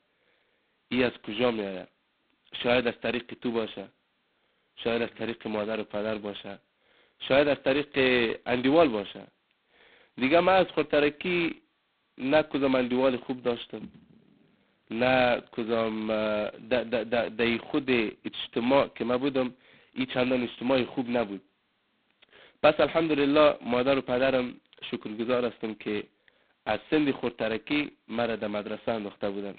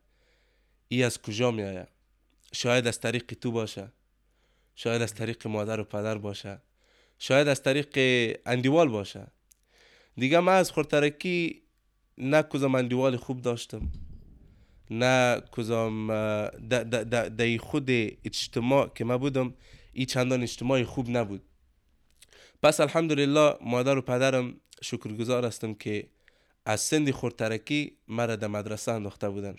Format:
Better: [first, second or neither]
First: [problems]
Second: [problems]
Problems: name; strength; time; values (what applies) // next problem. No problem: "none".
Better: second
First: phone-call audio; poor line; nothing above 4 kHz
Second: none